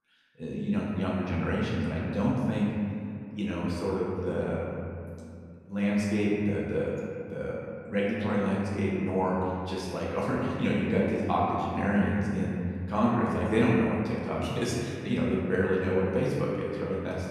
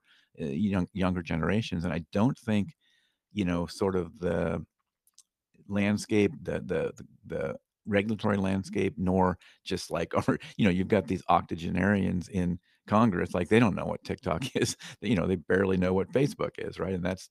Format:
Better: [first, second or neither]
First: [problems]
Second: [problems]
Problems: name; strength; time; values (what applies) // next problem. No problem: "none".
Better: second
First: room echo; noticeable; dies away in 2.3 s // off-mic speech; far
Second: none